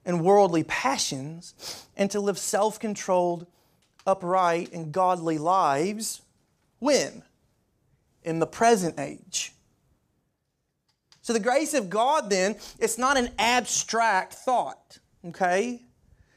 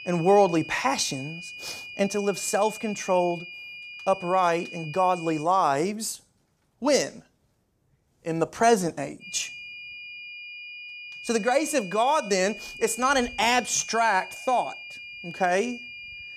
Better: first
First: none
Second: high-pitched whine; noticeable; until 5.5 s and from 9 s on; 2.5 kHz, 15 dB below the speech

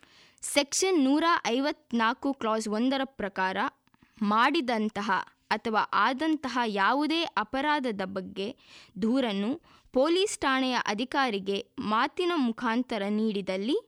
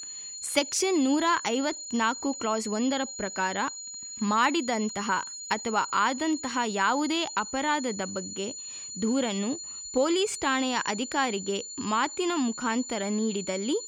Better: first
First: none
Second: high-pitched whine; loud; throughout; 7 kHz, 9 dB below the speech

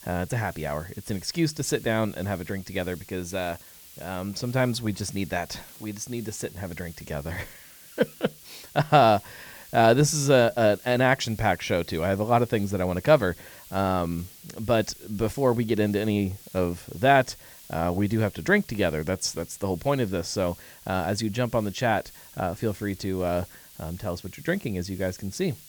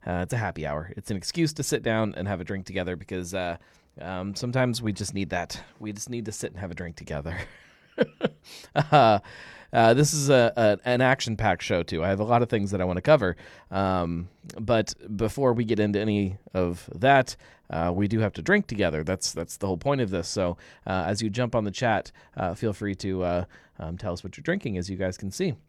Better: second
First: hiss; noticeable; throughout; 20 dB below the speech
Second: none

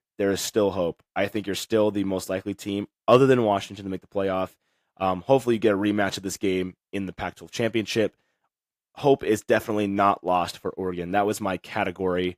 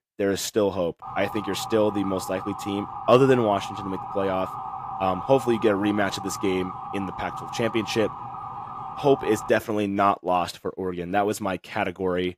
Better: first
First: none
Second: siren; noticeable; from 1 to 9.5 s; peak 8 dB below the speech

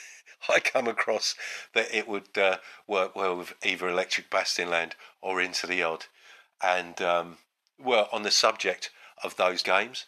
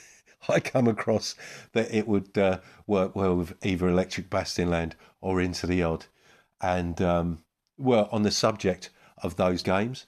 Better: second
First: thin; very; fading below 600 Hz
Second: none

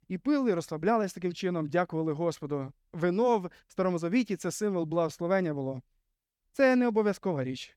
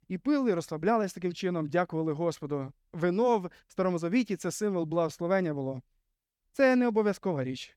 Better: neither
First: none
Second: none

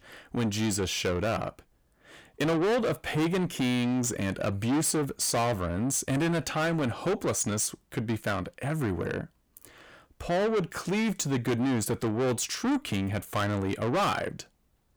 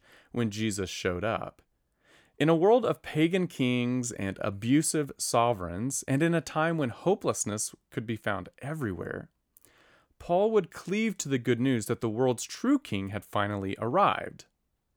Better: second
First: distortion; heavy; 6 dB below the speech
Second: none

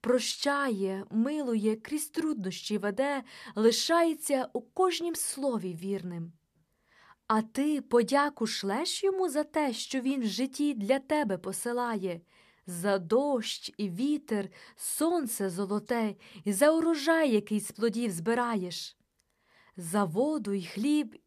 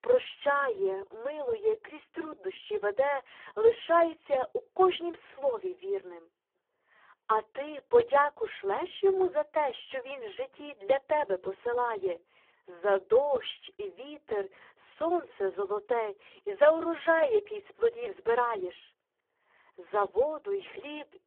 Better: first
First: none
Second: phone-call audio; poor line

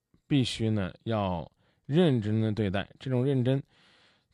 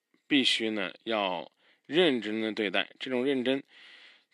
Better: first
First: none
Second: thin; very slightly; fading below 250 Hz

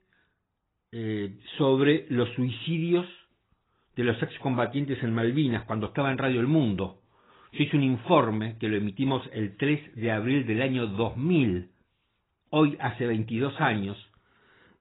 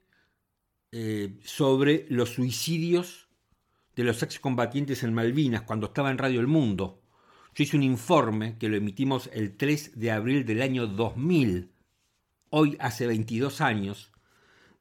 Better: second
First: garbled, watery; badly; nothing above 4 kHz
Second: none

